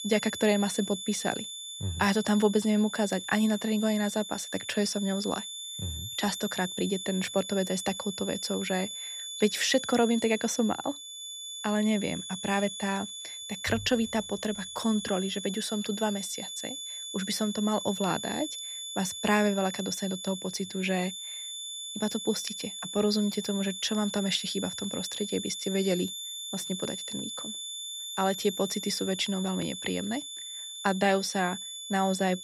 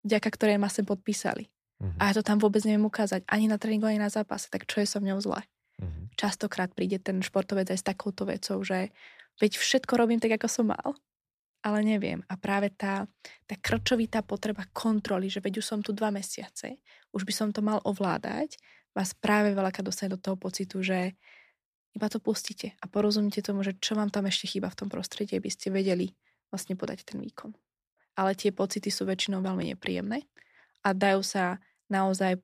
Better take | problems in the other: second | high-pitched whine; loud; throughout; 3.5 kHz, 7 dB below the speech

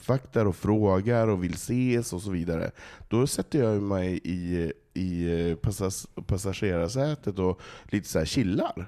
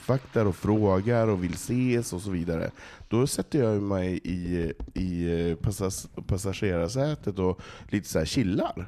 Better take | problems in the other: first | household noises; faint; throughout; 20 dB below the speech

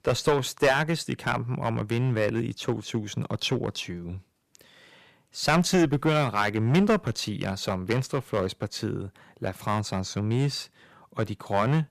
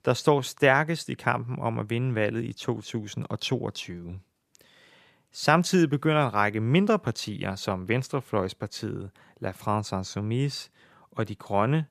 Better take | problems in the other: second | distortion; heavy; 3% of the sound clipped

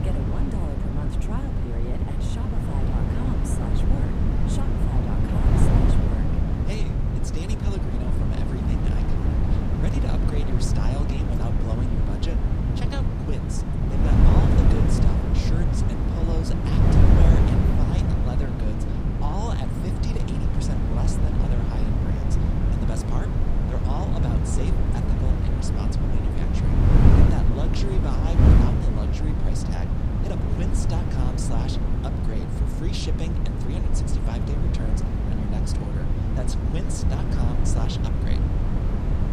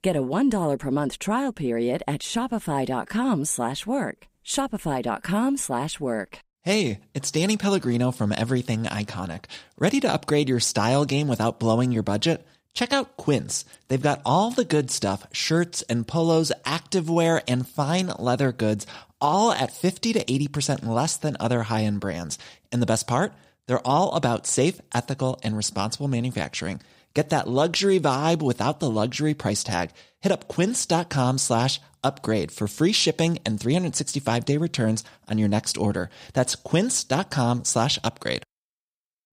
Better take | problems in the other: second | wind noise on the microphone; heavy; 5 dB above the speech

